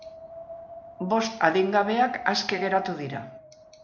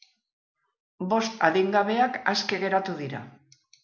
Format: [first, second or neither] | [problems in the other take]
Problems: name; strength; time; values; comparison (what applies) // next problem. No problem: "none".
second | background sound (Wind); 14 dB below the speech